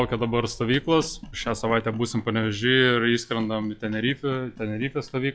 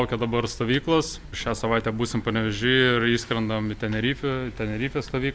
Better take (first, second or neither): second